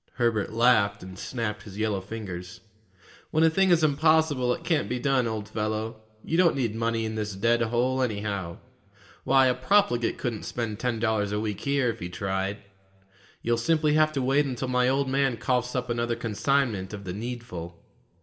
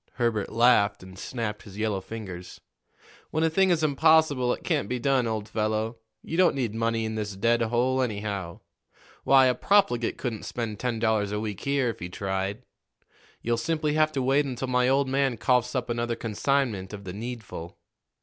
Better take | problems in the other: second | room echo; dies away in 0.7 s

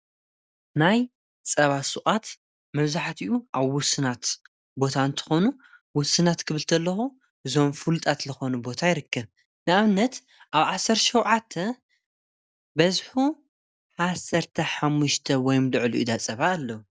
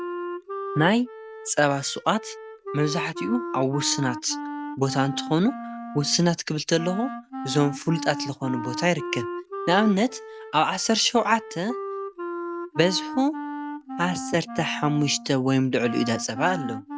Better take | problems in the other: first | background sound (Wind instrument, woodwind instrument); 9 dB below the speech

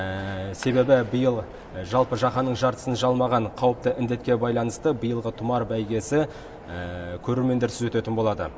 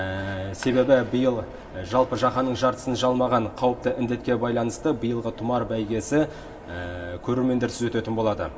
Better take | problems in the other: first | room echo; dies away in 1 s

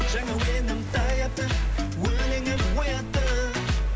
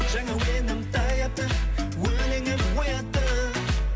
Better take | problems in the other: second | background sound (Walk, footsteps); 17 dB below the speech

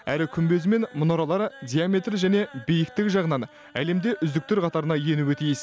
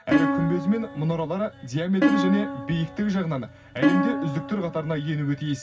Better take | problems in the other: first | background sound (Plucked string instrument); 1 dB below the speech // room echo; dies away in 0.4 s

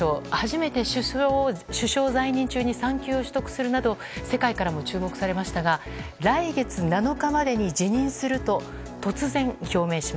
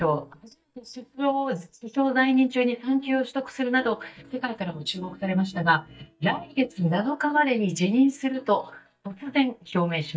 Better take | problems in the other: first | noise reduction (neural mask model DeepFilterNet 3)

